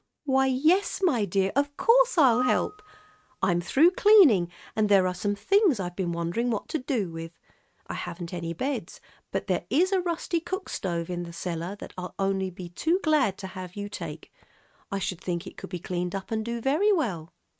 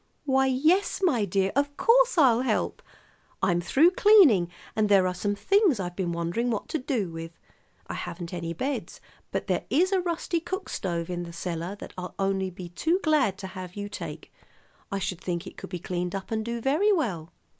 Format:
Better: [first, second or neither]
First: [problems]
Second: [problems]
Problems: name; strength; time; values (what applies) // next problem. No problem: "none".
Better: second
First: noise reduction (neural mask model RNNoise)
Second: none